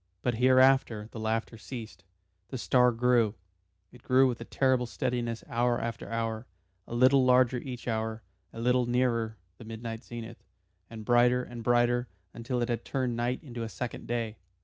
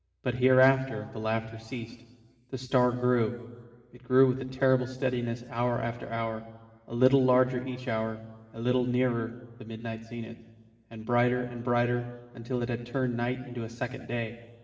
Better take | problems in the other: first | room echo; dies away in 1.8 s

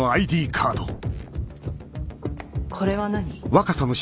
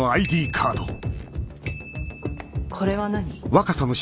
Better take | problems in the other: first | background sound (Bicycle bell); 17 dB below the speech

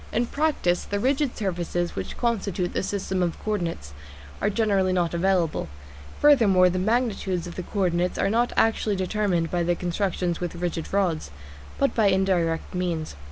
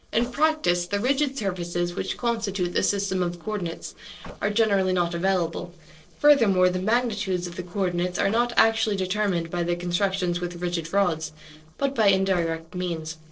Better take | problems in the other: first | noise reduction (neural separator model SepFormer DNS4)

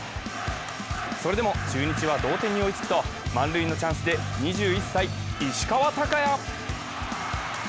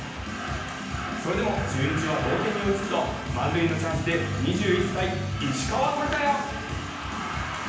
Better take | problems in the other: first | room echo; dies away in 0.9 s

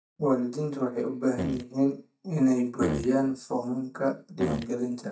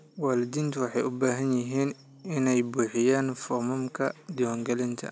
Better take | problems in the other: second | noise reduction (neural mask model DeepFilterNet 3)

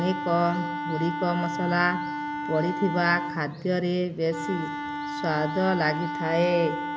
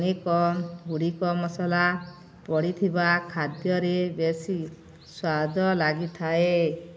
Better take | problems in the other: second | background sound (Wind instrument, woodwind instrument); 5 dB below the speech

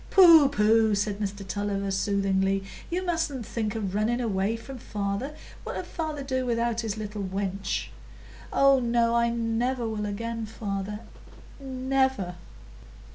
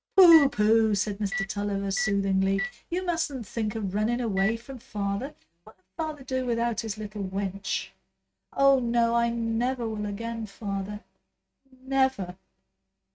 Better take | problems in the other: first | noise reduction (neural mask model RNNoise)

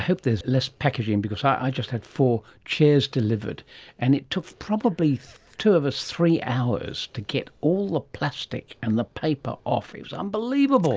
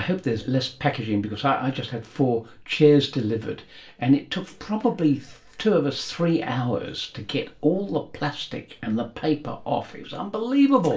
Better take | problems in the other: first | room echo; dies away in 0.3 s

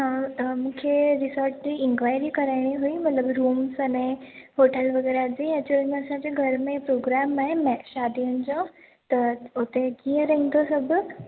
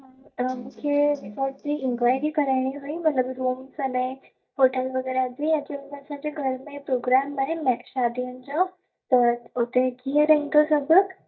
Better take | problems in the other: first | noise reduction (neural mask model DeepFilterNet 3)

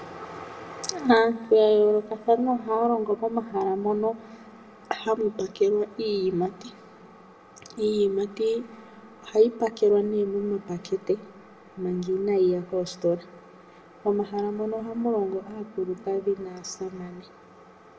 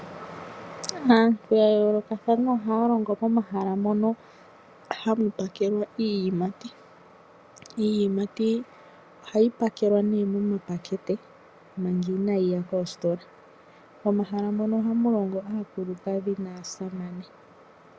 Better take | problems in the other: second | room echo; dies away in 0.9 s

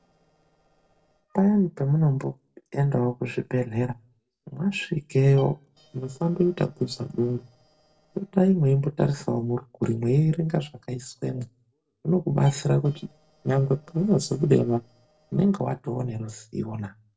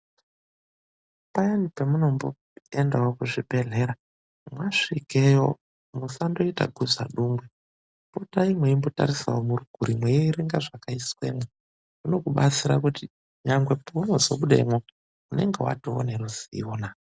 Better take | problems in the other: second | noise reduction (neural separator model SepFormer DNS4)

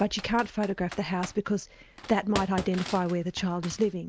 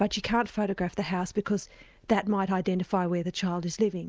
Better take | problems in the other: second | background sound (Computer keyboard); 12 dB below the speech

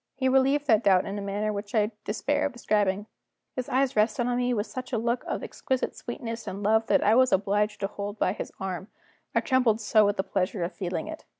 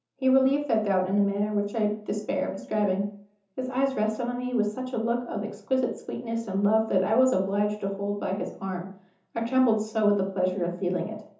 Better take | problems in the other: first | room echo; dies away in 0.6 s

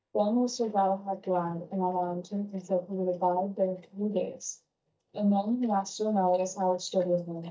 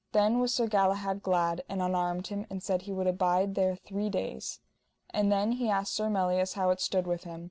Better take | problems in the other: second | noise reduction (neural mask model DeepFilterNet 3)

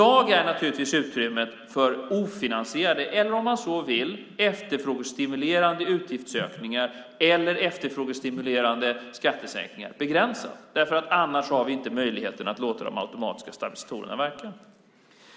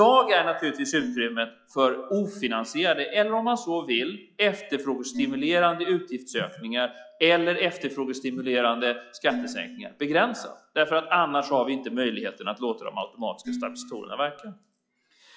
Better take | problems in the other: first | noise reduction (classical method log-MMSE)

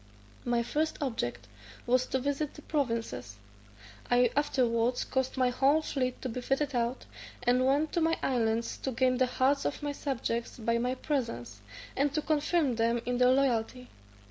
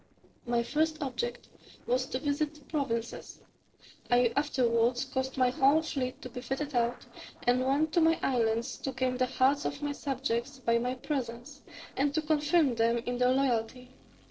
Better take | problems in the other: first | noise reduction (neural separator model SepFormer DNS4)

